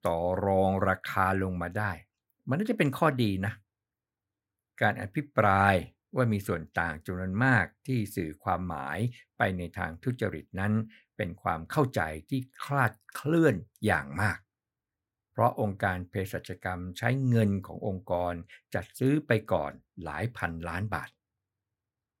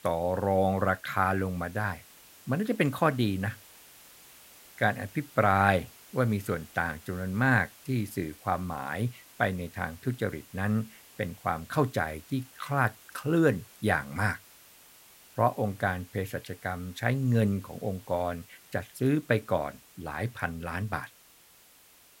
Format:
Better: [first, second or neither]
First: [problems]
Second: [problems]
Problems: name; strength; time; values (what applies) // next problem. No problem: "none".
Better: first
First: none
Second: hiss; faint; throughout; 20 dB below the speech